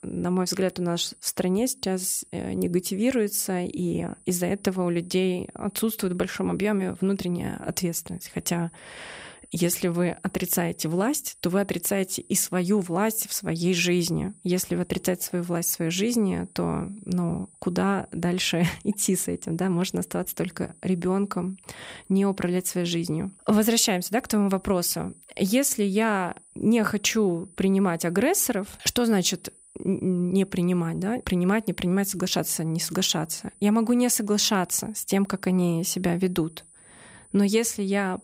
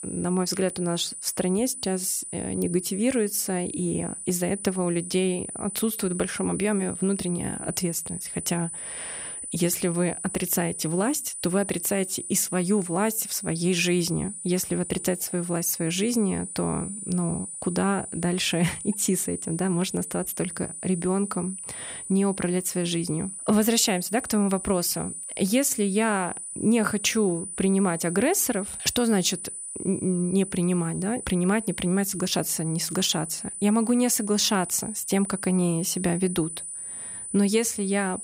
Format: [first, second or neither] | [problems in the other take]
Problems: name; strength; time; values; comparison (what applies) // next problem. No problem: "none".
first | high-pitched whine; loud; throughout; 9.5 kHz, 8 dB below the speech; faint in the first